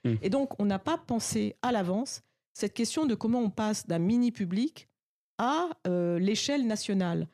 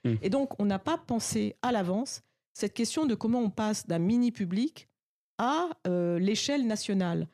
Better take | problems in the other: neither | none

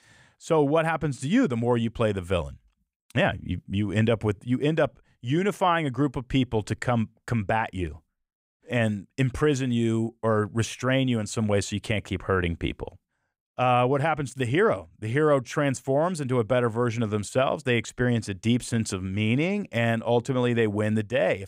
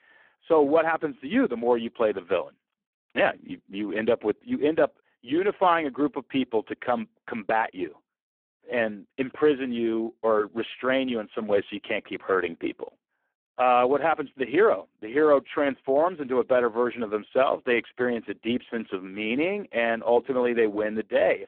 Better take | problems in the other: first | phone-call audio; poor line

